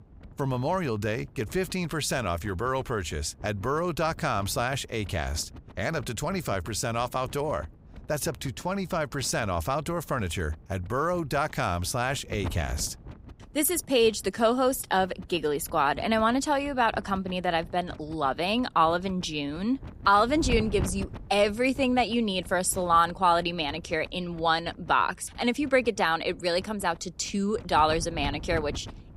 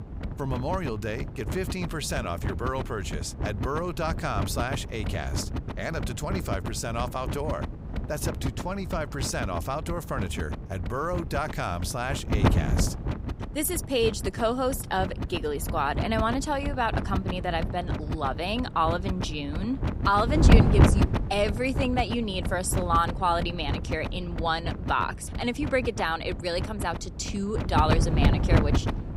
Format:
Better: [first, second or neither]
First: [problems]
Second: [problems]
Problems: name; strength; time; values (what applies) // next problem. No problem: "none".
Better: first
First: wind noise on the microphone; occasional gusts; 25 dB below the speech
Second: wind noise on the microphone; heavy; 8 dB below the speech